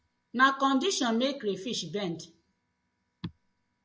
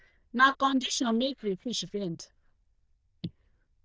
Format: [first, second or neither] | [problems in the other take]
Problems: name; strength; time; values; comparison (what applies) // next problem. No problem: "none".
first | noise reduction (neural diffusion model UNIVERSE++)